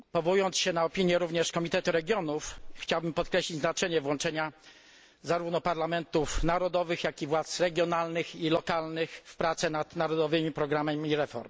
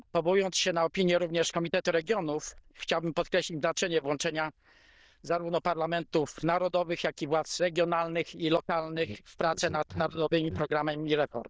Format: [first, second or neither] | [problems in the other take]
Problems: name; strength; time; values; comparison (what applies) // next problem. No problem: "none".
first | noise reduction (neural diffusion model UNIVERSE++)